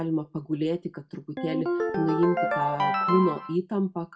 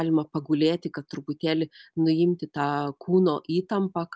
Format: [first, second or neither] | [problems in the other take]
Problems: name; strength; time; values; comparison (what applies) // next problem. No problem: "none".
second | background sound (Ringtone); as loud as the speech // room echo; dies away in 0.2 s